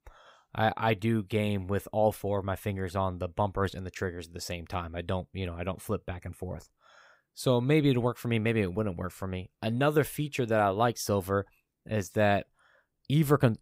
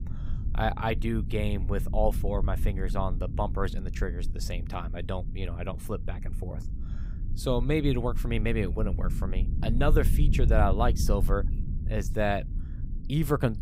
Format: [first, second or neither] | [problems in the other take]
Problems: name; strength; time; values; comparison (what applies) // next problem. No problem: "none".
first | low rumble; noticeable; throughout; 15 dB below the speech